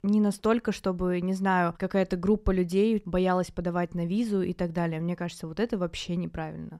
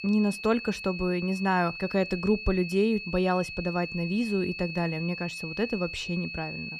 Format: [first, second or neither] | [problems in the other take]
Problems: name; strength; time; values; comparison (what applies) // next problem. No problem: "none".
first | high-pitched whine; loud; throughout; 2.5 kHz, 8 dB below the speech